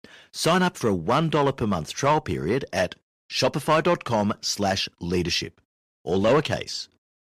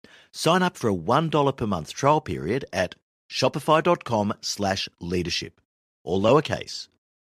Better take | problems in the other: second | distortion; slight; 10 dB below the speech

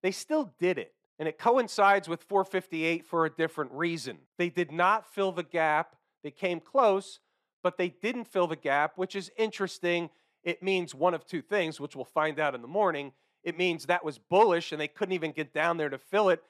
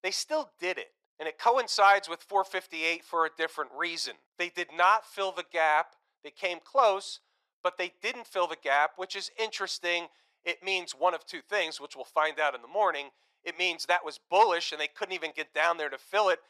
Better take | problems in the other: first | thin; very; fading below 700 Hz

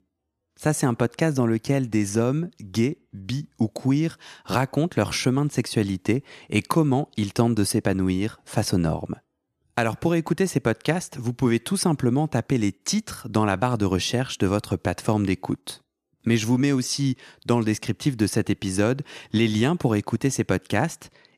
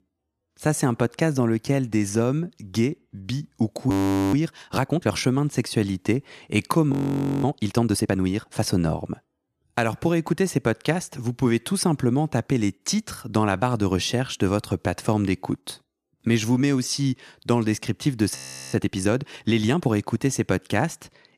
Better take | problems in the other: first | audio freezing; at 4 s, at 7 s for 0.5 s and at 18 s

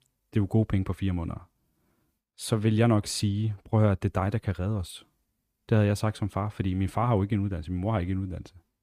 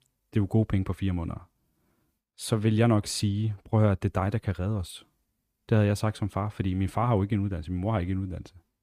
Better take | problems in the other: neither | none

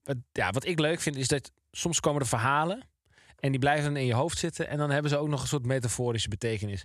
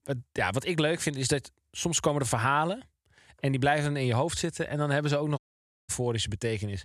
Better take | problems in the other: first | audio cutting out; at 5.5 s for 0.5 s

